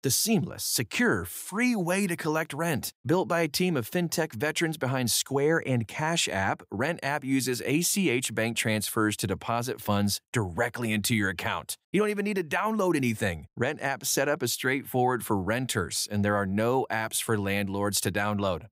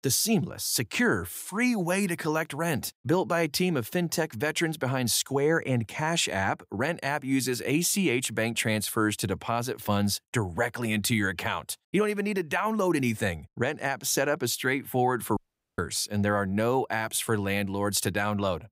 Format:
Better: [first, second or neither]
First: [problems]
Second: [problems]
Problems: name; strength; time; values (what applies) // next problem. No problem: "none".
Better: first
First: none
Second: audio cutting out; at 15 s